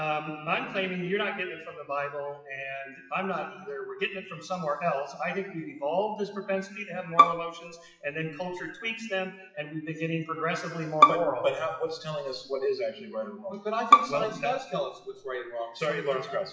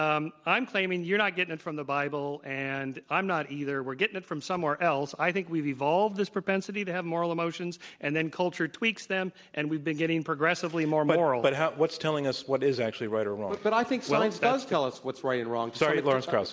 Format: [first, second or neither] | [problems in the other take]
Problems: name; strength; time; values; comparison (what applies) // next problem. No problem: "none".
second | noise reduction (classical method WPE with log-MMSE)